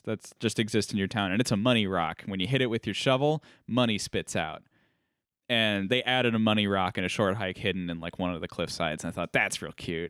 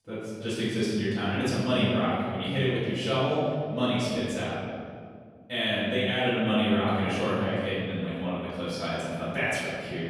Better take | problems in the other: first | off-mic speech; far // room echo; strong; dies away in 1.9 s

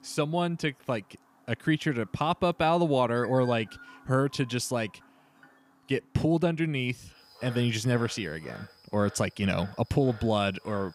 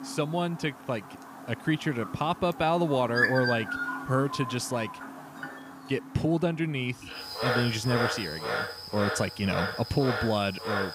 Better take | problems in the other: first | animal sounds; loud; throughout; 3 dB below the speech; faint in the first

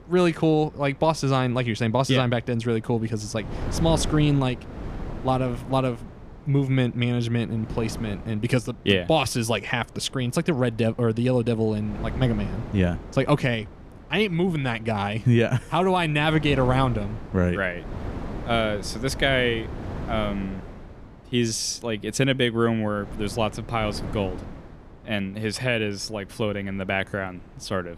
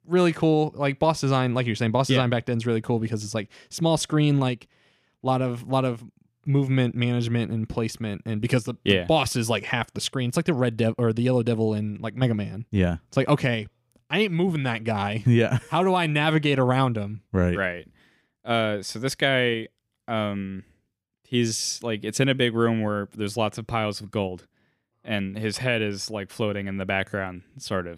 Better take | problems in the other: second | wind noise on the microphone; occasional gusts; 15 dB below the speech

